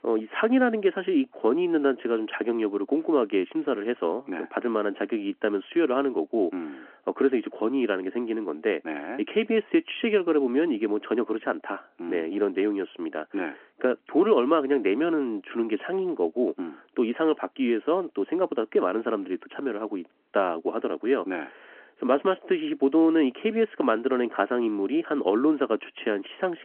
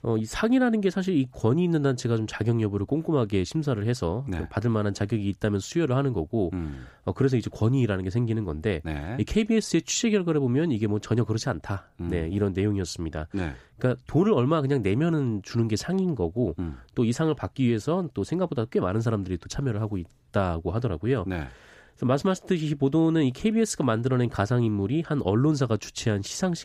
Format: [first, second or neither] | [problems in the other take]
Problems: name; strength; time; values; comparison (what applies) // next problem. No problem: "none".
second | phone-call audio